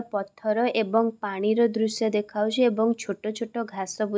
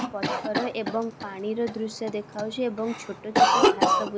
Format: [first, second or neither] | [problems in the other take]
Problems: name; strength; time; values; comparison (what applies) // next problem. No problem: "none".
first | background sound (Cough); 5 dB above the speech